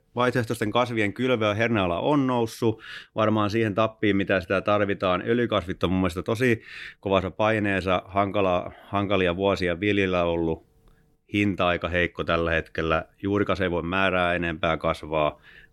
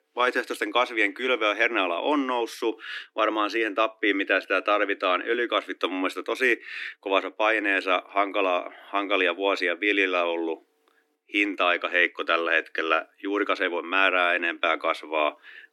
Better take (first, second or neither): first